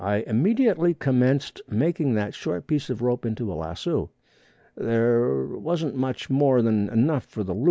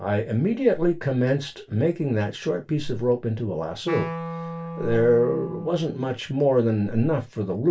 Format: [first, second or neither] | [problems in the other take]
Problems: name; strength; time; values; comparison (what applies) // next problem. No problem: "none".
first | background sound (Wind instrument, woodwind instrument); 11 dB below the speech // room echo; dies away in 0.2 s